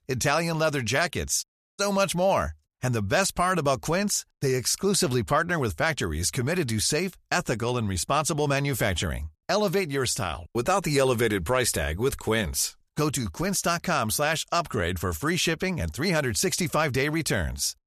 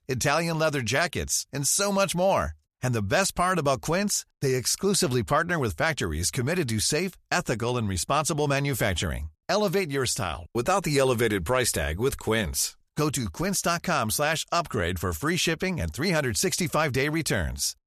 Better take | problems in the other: second | audio cutting out; at 1.5 s

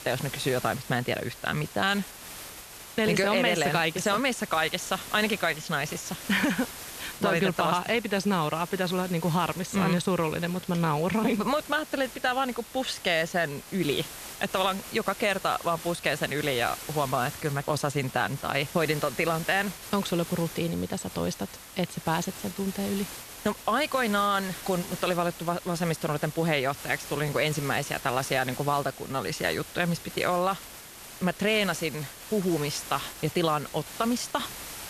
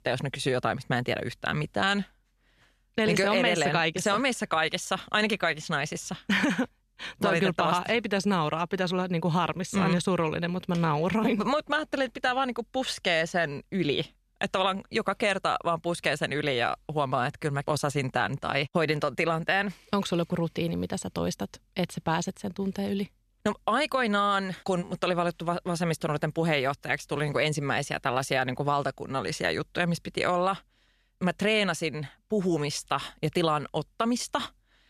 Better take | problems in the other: second | hiss; noticeable; throughout; 10 dB below the speech

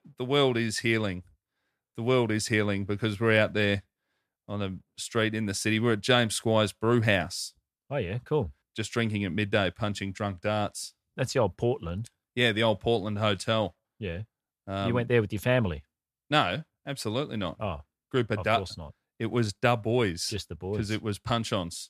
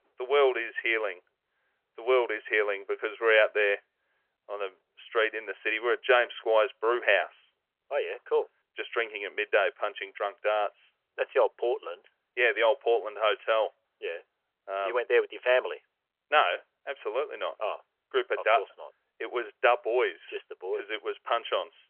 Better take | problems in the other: first | phone-call audio; nothing above 3 kHz

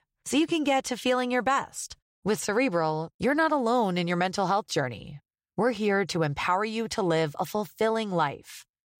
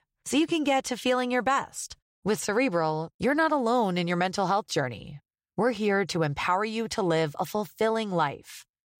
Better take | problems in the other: neither | none

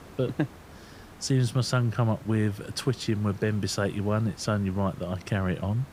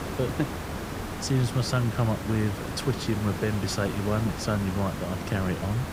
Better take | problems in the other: first | hiss; loud; throughout; 6 dB below the speech; faint in the first

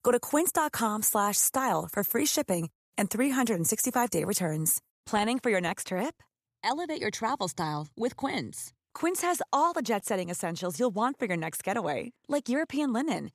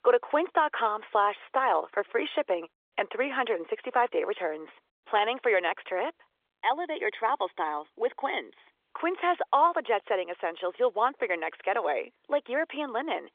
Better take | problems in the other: first | phone-call audio; nothing above 3.5 kHz

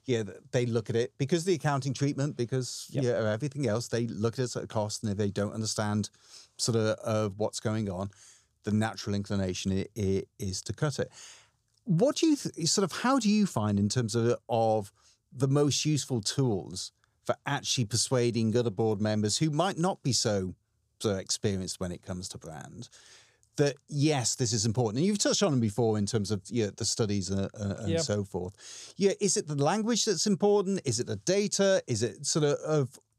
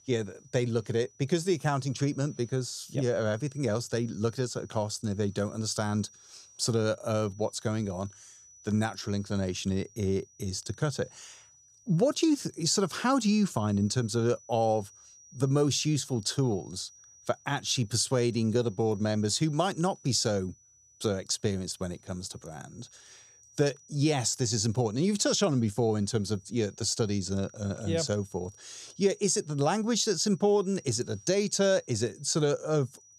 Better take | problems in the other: first | high-pitched whine; faint; throughout; 5.5 kHz, 25 dB below the speech

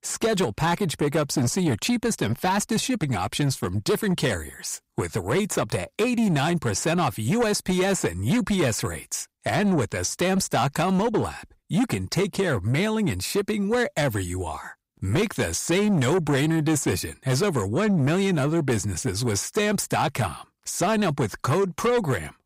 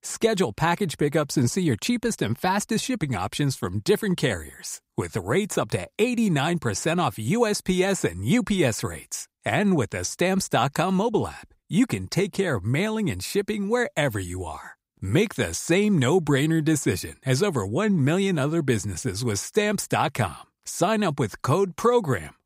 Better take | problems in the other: second | distortion; slight; 10 dB below the speech

